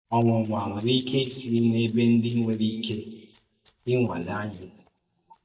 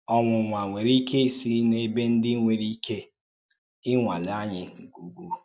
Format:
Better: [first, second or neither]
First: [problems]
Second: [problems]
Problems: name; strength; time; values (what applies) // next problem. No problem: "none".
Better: second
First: noise reduction (neural mask model DeepFilterNet 3)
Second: none